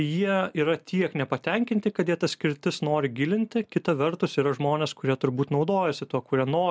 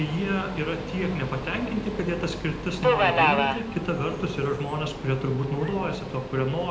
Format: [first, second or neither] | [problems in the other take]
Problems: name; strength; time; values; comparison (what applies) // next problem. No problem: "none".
first | background sound (Subway, metro, underground); 2 dB below the speech // room echo; dies away in 0.8 s